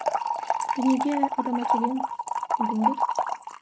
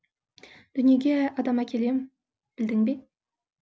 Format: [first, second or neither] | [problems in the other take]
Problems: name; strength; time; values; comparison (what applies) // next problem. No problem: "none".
second | noise reduction (neural mask model RNNoise)